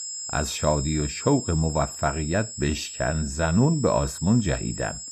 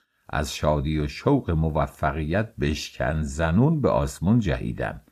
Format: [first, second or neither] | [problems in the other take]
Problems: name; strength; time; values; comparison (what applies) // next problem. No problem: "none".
second | high-pitched whine; loud; throughout; 7.5 kHz, 8 dB below the speech